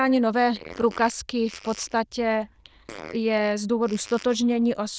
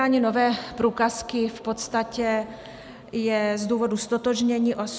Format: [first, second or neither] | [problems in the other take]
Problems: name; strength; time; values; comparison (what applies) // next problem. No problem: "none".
second | noise reduction (neural diffusion model UNIVERSE++)